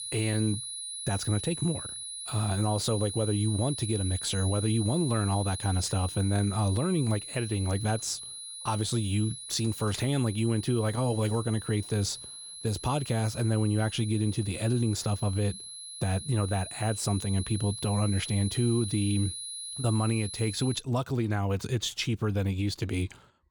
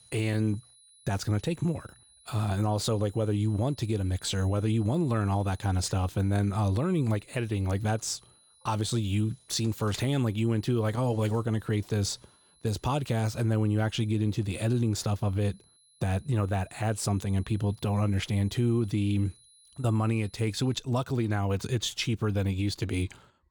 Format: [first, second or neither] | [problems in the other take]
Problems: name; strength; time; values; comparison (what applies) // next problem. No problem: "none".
second | high-pitched whine; loud; until 21 s; 10.5 kHz, 8 dB below the speech; faint in the second